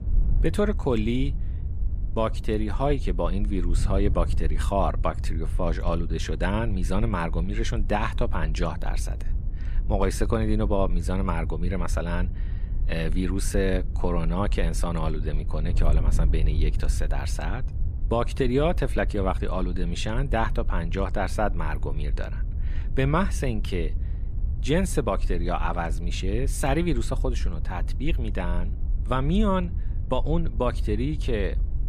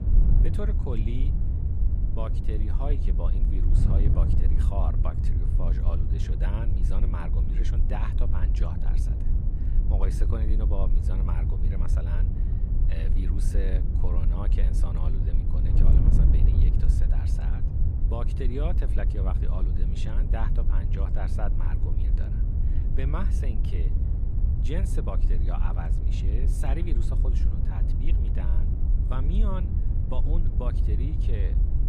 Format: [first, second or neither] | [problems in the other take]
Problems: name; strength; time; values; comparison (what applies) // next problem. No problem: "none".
first | wind noise on the microphone; heavy; 2 dB below the speech; occasional gusts in the first